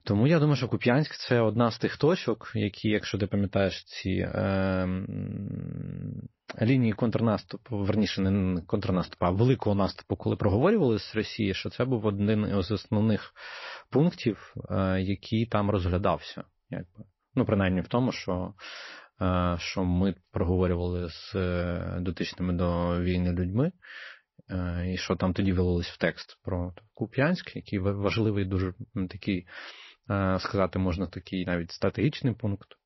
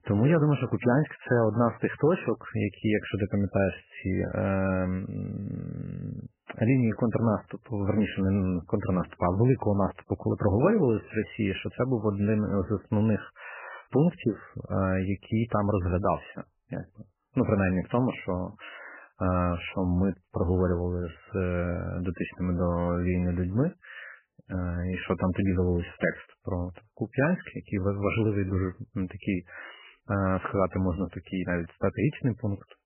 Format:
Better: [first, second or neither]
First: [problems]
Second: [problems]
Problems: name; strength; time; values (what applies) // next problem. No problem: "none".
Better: first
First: garbled, watery; slightly; nothing above 5.5 kHz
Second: garbled, watery; badly; nothing above 3 kHz